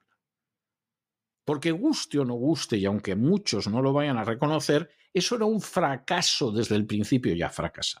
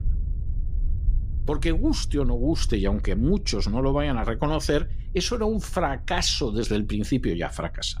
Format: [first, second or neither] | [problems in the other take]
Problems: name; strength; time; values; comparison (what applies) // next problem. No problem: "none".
first | low rumble; faint; throughout; 25 dB below the speech